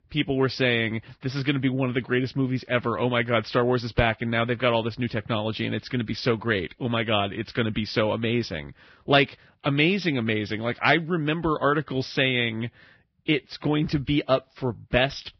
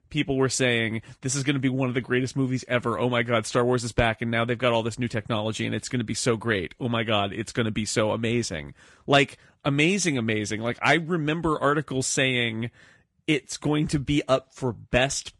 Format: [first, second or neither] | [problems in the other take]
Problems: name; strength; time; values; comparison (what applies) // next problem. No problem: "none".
second | garbled, watery; badly; nothing above 5.5 kHz; slightly in the second